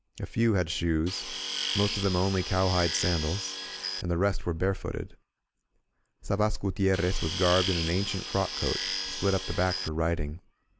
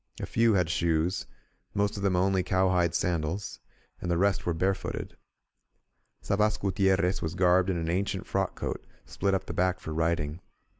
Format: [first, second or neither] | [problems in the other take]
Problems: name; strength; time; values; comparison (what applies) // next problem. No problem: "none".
second | background sound (Tools); 5 dB below the speech